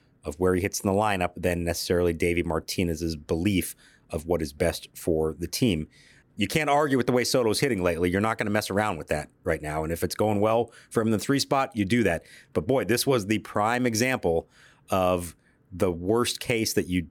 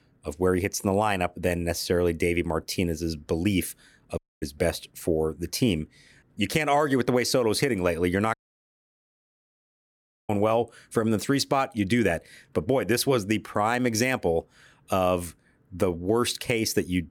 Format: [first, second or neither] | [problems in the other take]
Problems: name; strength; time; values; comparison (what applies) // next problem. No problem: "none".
first | audio cutting out; at 4 s and at 8.5 s for 2 s